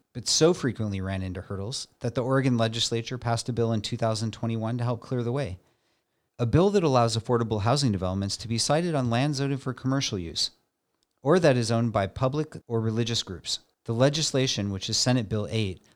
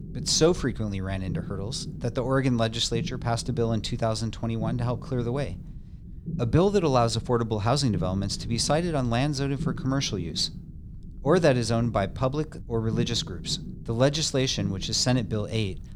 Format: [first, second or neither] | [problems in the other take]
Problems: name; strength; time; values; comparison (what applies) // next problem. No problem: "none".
first | low rumble; noticeable; throughout; 20 dB below the speech